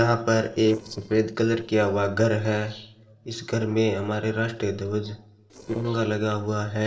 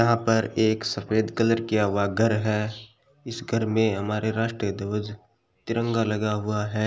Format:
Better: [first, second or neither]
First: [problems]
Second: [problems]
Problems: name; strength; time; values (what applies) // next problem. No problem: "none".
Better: second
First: noise reduction (neural separator model SepFormer DNS4)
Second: none